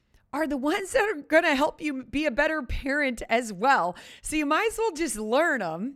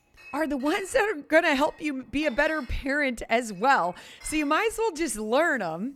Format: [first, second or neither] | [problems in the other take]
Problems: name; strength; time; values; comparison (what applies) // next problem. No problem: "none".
first | household noises; faint; throughout; 25 dB below the speech